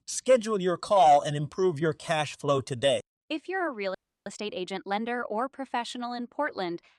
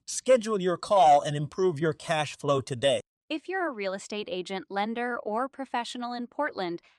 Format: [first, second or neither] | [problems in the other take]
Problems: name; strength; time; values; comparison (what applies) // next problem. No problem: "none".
second | audio freezing; at 4 s